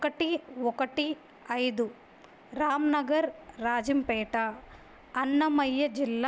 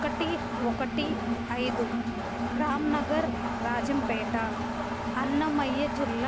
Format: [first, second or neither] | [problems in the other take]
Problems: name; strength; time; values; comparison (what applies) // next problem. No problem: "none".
first | background sound (Engine); as loud as the speech